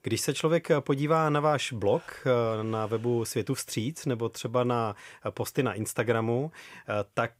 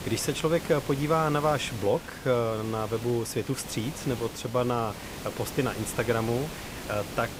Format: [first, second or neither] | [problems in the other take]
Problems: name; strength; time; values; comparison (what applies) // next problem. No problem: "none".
first | hiss; noticeable; throughout; 10 dB below the speech